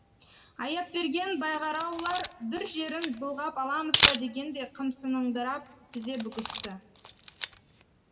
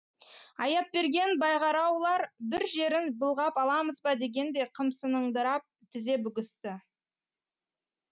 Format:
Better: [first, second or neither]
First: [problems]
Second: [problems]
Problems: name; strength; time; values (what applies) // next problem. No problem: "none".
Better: second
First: background sound (Camera); 2 dB below the speech // room echo; dies away in 1.3 s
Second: none